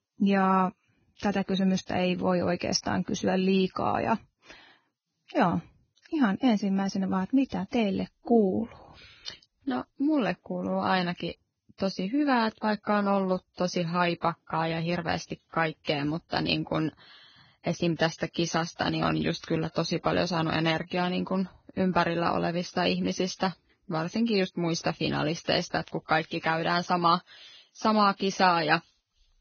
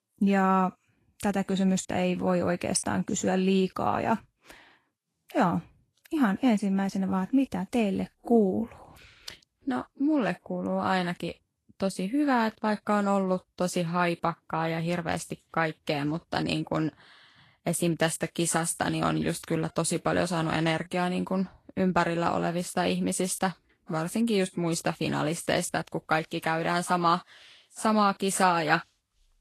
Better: second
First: garbled, watery; badly; nothing above 6.5 kHz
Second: garbled, watery; slightly

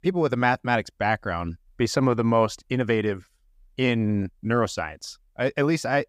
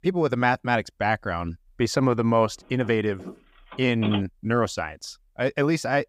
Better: first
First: none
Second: phone ringing; noticeable; from 3 to 4 s; peak 8 dB below the speech

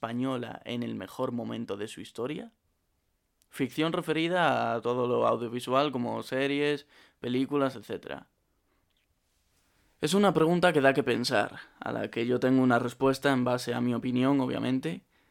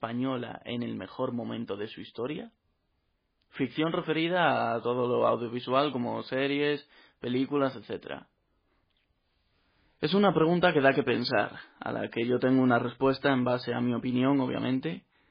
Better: first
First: none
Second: garbled, watery; badly; nothing above 4.5 kHz

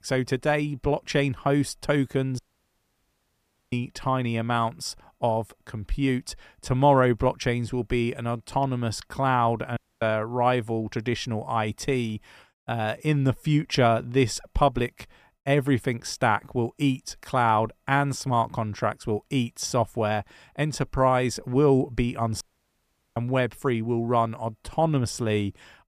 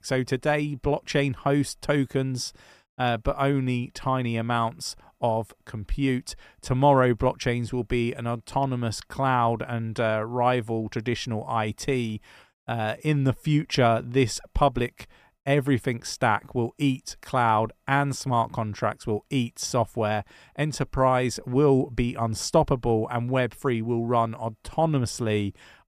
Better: second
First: audio cutting out; at 2.5 s for 1.5 s, at 10 s and at 22 s for 1 s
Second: none

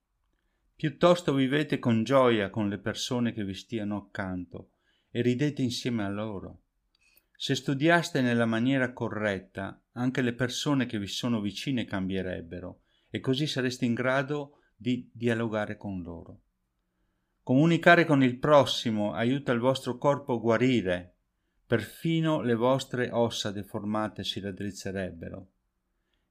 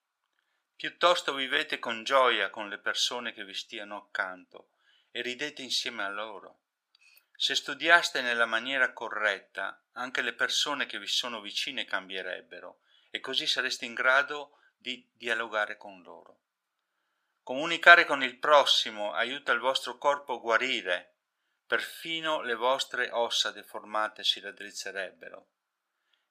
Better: first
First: none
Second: thin; very; fading below 750 Hz

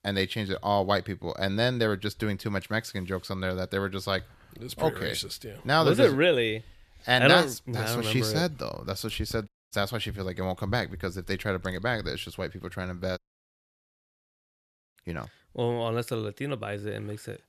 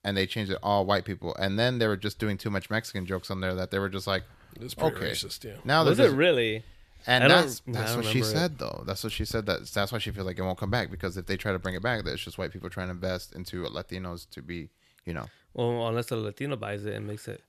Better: second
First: audio cutting out; at 9.5 s and at 13 s for 2 s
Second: none

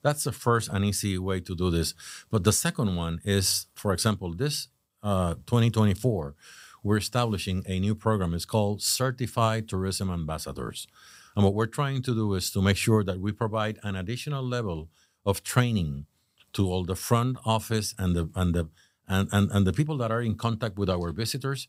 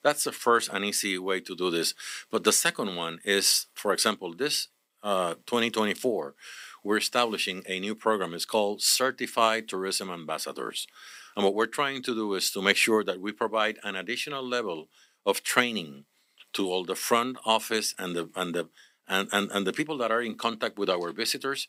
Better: first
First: none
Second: thin; somewhat; fading below 250 Hz

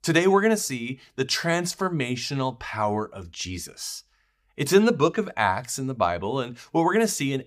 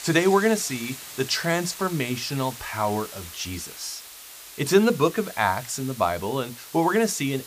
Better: first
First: none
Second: hiss; noticeable; throughout; 15 dB below the speech

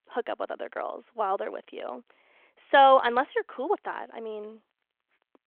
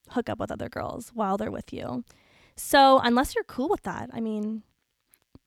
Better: second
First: phone-call audio; nothing above 3.5 kHz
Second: none

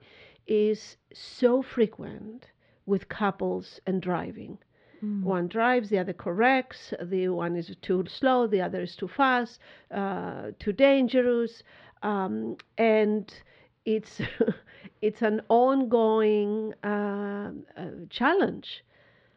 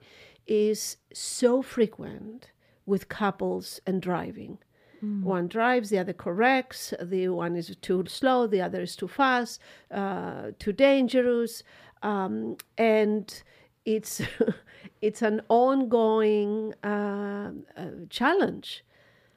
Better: second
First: muffled; slightly; fading above 4 kHz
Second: none

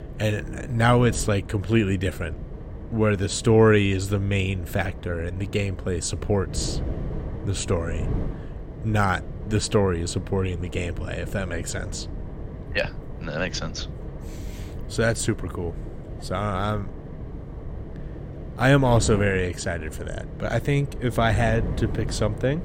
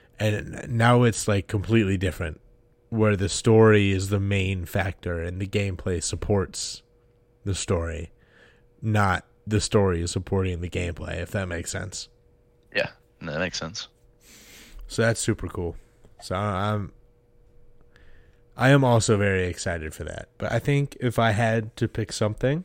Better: second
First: wind noise on the microphone; occasional gusts; 15 dB below the speech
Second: none

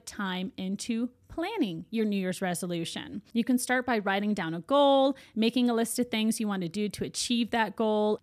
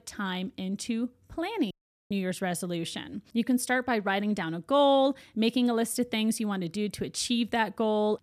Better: first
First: none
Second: audio cutting out; at 1.5 s

